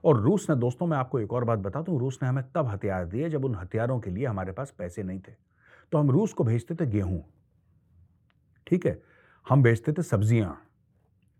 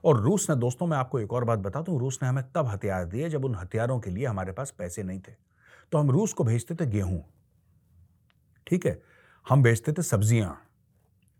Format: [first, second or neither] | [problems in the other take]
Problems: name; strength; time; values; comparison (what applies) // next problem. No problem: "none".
second | muffled; slightly; fading above 4 kHz